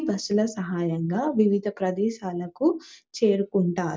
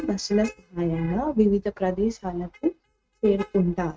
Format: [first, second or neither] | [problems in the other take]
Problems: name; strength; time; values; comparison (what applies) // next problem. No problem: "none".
first | noise reduction (neural mask model RNNoise)